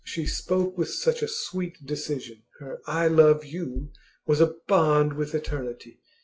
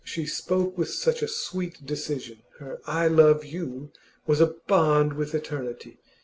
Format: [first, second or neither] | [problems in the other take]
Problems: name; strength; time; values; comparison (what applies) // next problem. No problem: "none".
second | noise reduction (classical method log-MMSE)